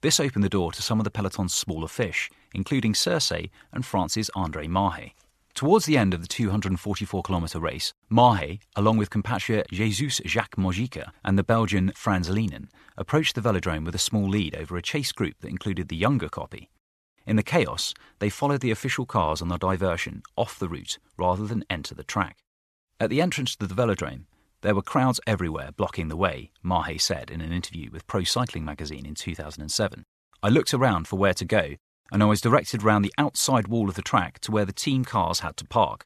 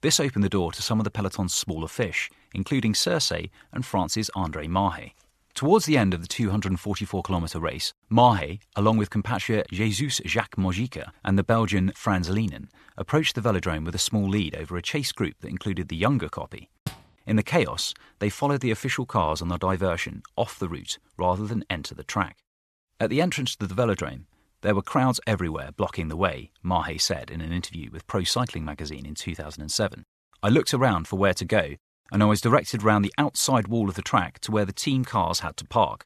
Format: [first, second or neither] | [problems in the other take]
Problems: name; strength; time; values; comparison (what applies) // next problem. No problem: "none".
first | door banging; faint; at 17 s; peak 15 dB below the speech